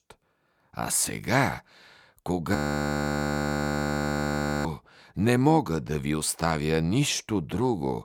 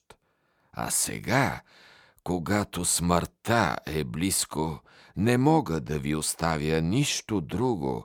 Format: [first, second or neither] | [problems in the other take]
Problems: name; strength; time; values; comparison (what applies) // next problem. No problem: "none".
second | audio freezing; at 2.5 s for 2 s